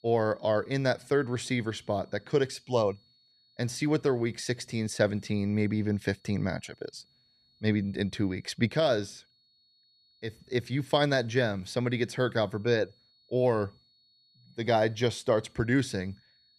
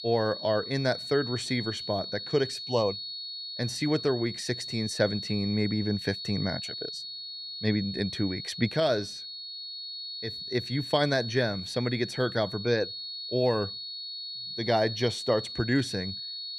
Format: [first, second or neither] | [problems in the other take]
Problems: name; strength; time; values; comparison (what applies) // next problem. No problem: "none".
first | high-pitched whine; loud; throughout; 4.5 kHz, 6 dB below the speech; faint in the first